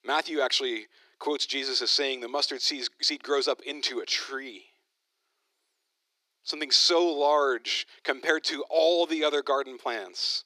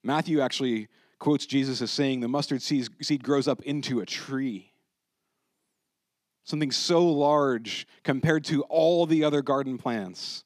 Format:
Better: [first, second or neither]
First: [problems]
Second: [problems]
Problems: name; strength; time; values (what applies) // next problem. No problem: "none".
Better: second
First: thin; very; fading below 350 Hz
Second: none